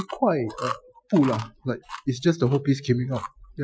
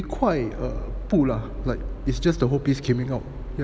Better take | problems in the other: second | noise reduction (classical method Wiener filter)

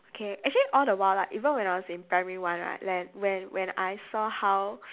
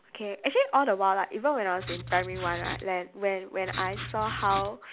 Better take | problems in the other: first | background sound (Writing); 10 dB below the speech

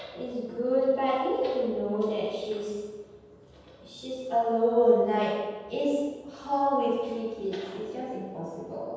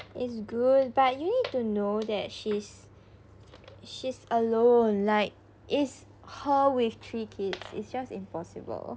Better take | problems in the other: second | room echo; dies away in 1.2 s

